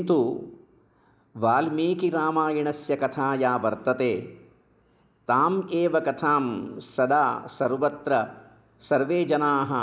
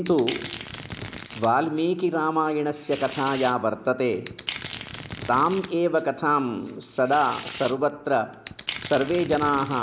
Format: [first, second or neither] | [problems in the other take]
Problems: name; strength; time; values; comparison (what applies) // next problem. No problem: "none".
first | background sound (Domestic sounds, home sounds); 14 dB below the speech